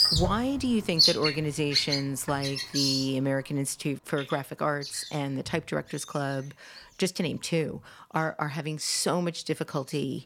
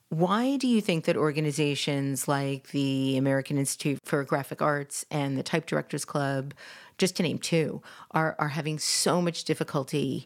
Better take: second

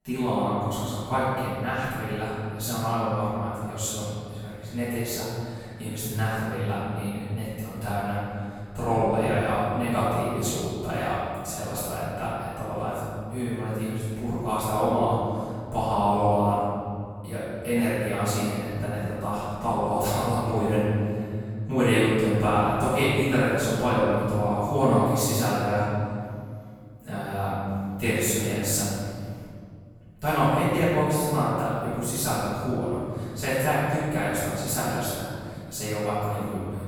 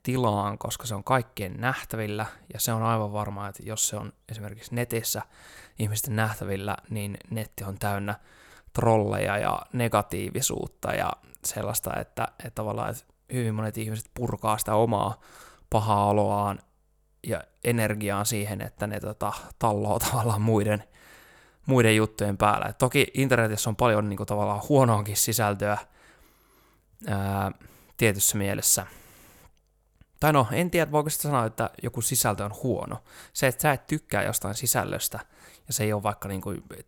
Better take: second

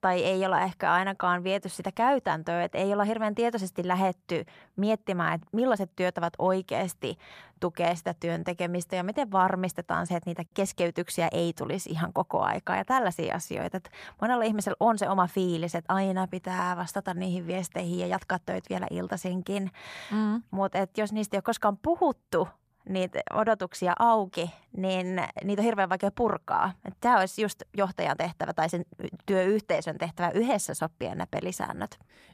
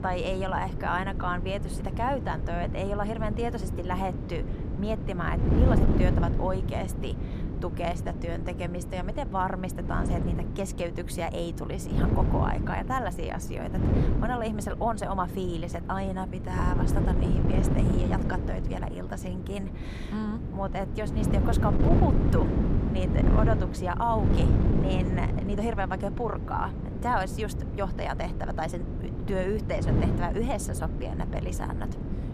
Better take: first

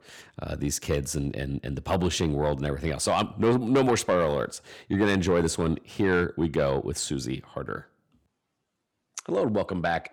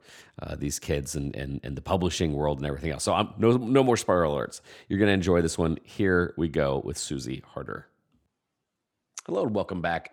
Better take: second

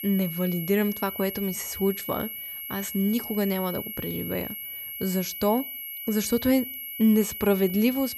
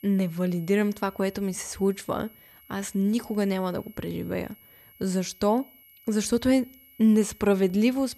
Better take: second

